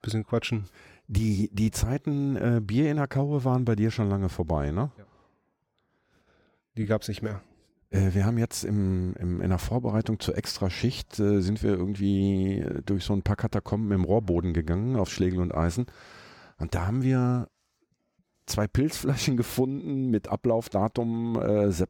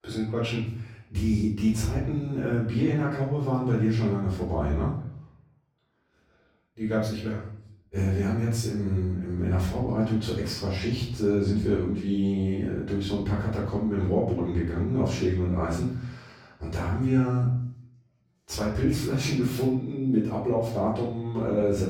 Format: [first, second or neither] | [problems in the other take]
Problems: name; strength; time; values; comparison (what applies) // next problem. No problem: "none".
first | off-mic speech; far // room echo; noticeable; dies away in 0.6 s